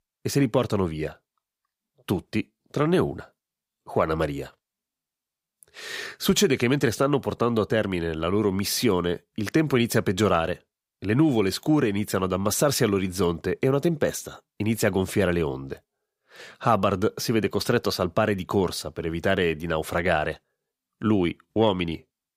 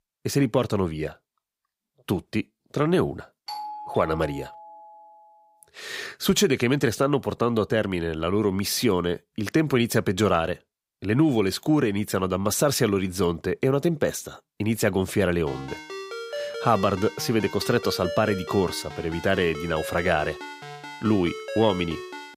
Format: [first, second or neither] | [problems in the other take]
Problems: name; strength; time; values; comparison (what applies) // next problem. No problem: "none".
first | doorbell; noticeable; from 3.5 to 5 s; peak 10 dB below the speech // phone ringing; noticeable; from 15 s on; peak 8 dB below the speech